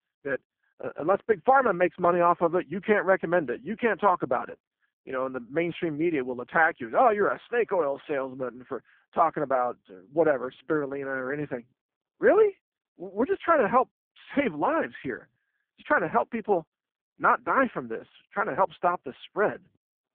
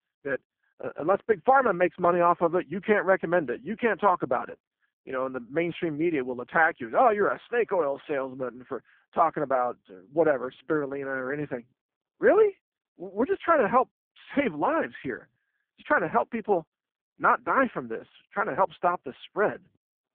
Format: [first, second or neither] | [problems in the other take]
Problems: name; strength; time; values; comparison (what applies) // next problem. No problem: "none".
neither | phone-call audio; poor line; the same in both